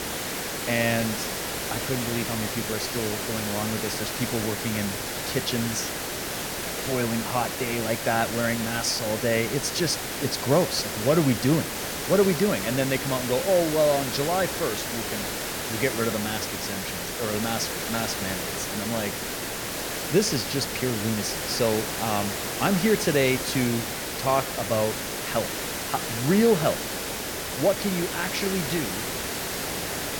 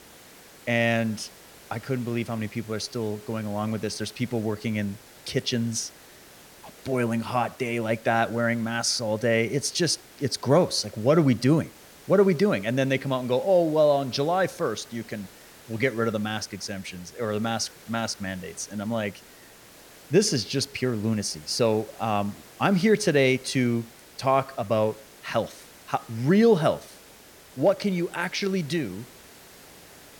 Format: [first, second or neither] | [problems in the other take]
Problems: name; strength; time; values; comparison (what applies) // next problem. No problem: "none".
second | hiss; loud; throughout; 3 dB below the speech; faint in the second